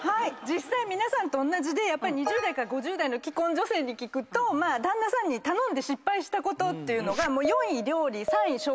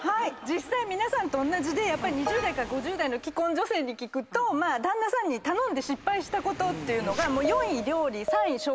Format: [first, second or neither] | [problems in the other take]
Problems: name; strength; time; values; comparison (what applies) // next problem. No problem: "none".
first | background sound (Waves, surf); 17 dB below the speech